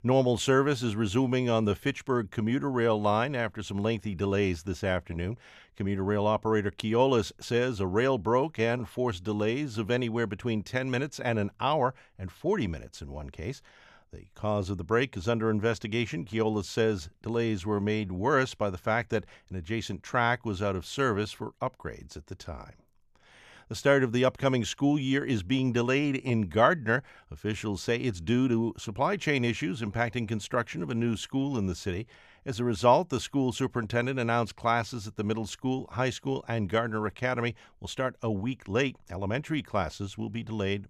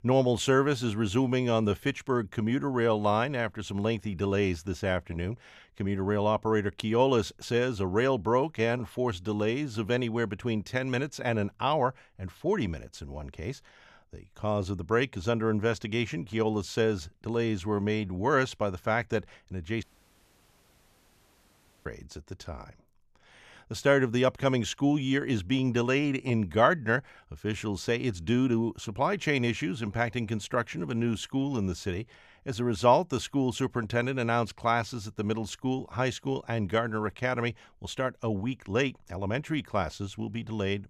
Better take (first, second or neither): first